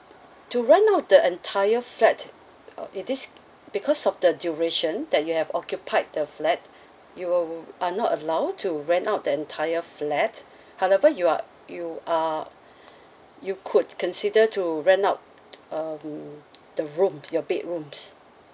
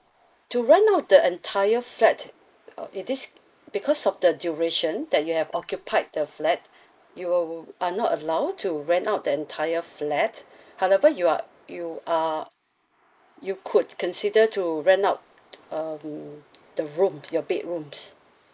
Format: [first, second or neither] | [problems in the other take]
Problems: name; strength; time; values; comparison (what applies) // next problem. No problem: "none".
first | noise reduction (neural mask model Resemble Enhance denoiser)